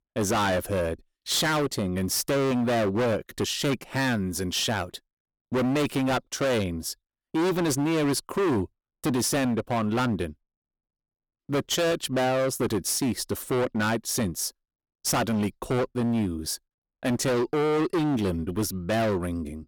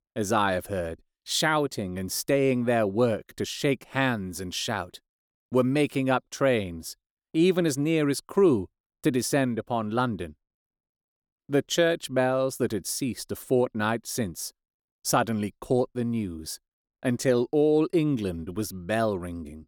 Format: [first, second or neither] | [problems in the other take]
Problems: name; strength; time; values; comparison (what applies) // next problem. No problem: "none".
second | distortion; heavy; 21% of the sound clipped